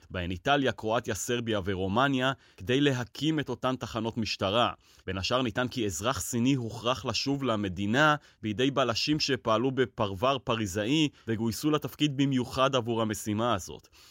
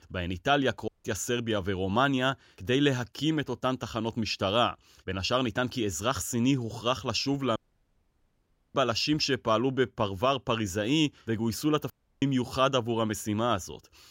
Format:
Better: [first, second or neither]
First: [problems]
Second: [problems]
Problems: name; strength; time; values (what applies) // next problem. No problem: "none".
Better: first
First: none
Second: audio cutting out; at 1 s, at 7.5 s for 1 s and at 12 s